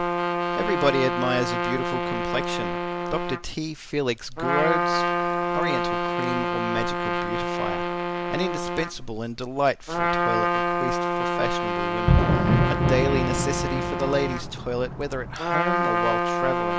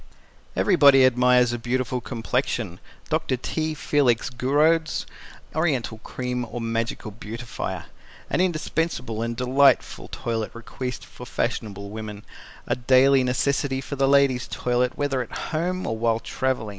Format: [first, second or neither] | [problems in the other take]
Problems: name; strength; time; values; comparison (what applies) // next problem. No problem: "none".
second | background sound (Trumpet + Fireworks); 4 dB above the speech